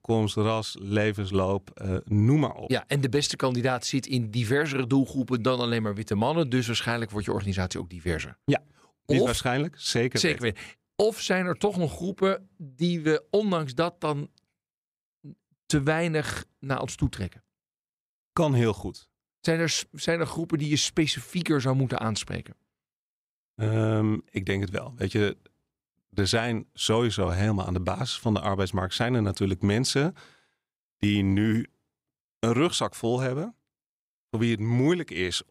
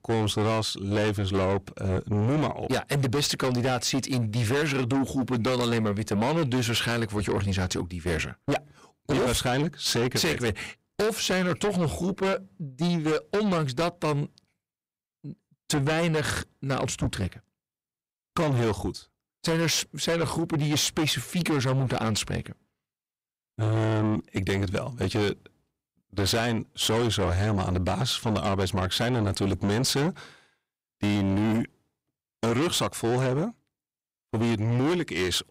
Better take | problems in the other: first | distortion; heavy; 6 dB below the speech

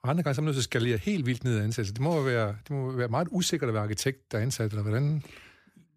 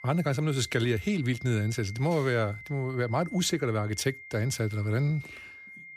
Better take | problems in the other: first | high-pitched whine; noticeable; throughout; 2 kHz, 15 dB below the speech

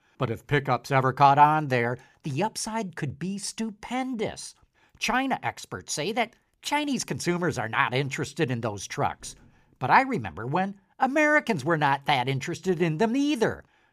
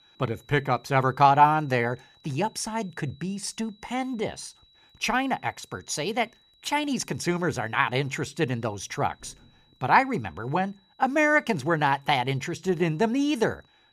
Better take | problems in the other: first | high-pitched whine; faint; throughout; 4 kHz, 35 dB below the speech

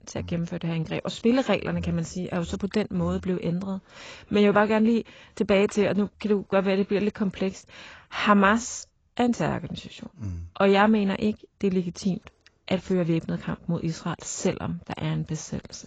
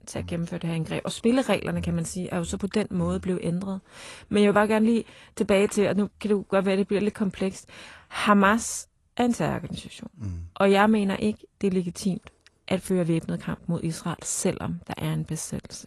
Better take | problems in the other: second | garbled, watery; badly; nothing above 7.5 kHz; slightly in the second

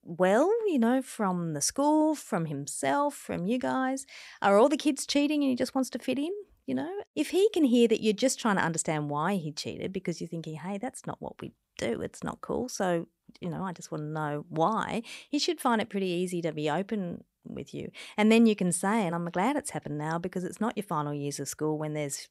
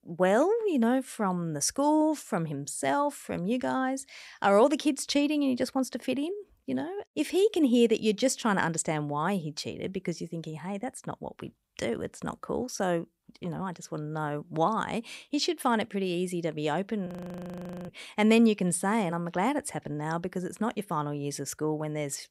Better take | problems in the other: first | audio freezing; at 17 s for 1 s

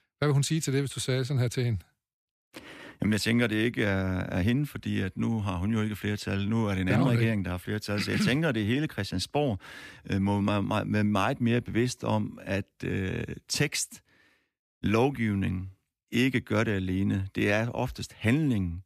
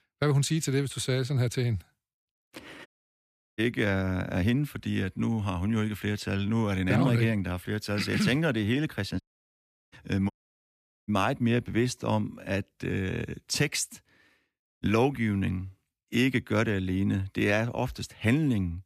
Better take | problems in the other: first | audio cutting out; at 3 s for 0.5 s, at 9 s for 0.5 s and at 10 s for 1 s

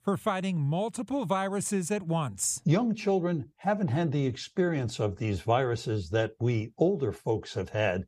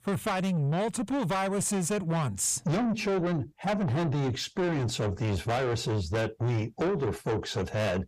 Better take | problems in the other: first | distortion; heavy; 7 dB below the speech

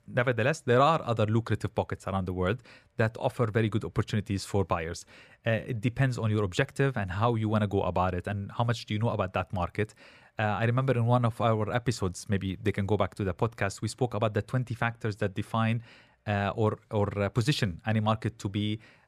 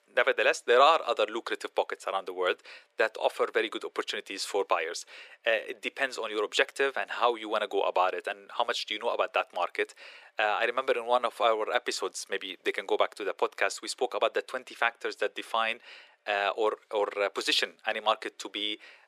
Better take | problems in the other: first | thin; very; fading below 400 Hz

